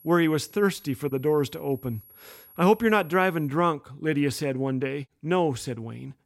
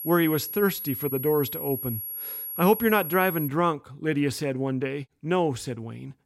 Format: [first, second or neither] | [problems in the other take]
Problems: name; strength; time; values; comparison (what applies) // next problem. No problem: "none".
first | high-pitched whine; loud; until 3.5 s; 11.5 kHz, 6 dB below the speech; faint in the first